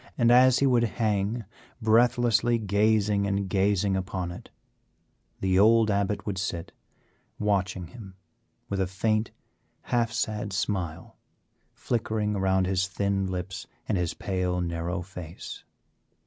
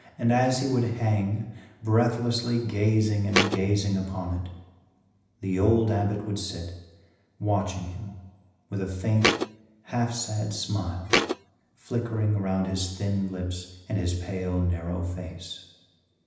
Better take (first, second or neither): first